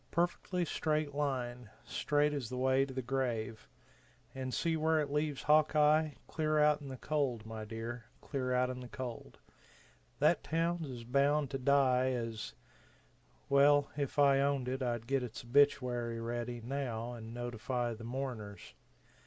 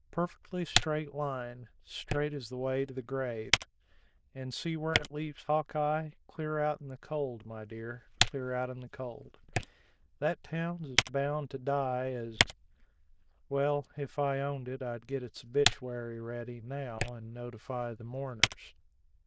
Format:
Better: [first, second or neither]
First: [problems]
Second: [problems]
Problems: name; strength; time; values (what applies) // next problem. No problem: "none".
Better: first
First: none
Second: noise reduction (neural diffusion model UNIVERSE++)